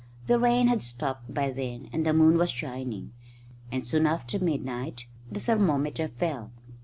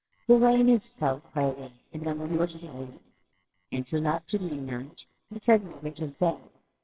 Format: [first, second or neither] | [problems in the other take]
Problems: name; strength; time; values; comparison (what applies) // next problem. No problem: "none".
first | noise reduction (neural separator model SepFormer WHAMR!)